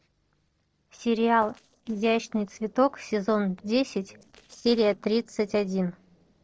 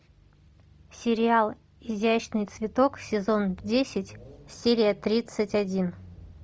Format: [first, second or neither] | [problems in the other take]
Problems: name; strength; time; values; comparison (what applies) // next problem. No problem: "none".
second | noise reduction (neural separator model SepFormer DNS4)